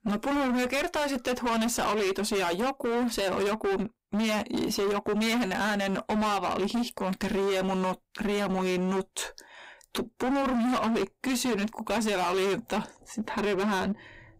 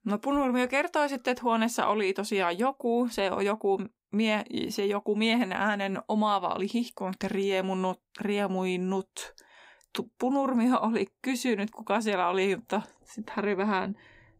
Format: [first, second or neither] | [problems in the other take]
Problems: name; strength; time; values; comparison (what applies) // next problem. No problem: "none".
second | distortion; heavy; 30% of the sound clipped